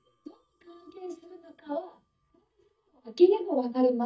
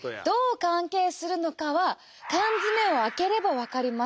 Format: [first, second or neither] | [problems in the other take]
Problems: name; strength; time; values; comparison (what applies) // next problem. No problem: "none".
second | noise reduction (neural mask model DeepFilterNet 3)